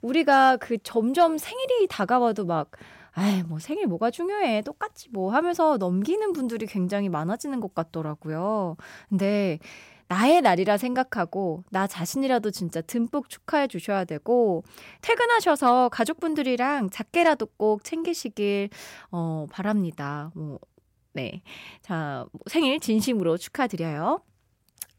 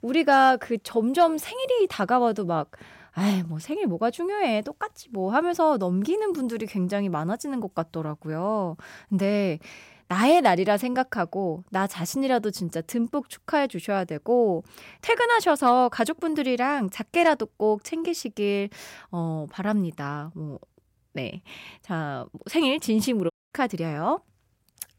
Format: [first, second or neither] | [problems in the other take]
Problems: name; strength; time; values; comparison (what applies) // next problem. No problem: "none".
first | audio cutting out; at 23 s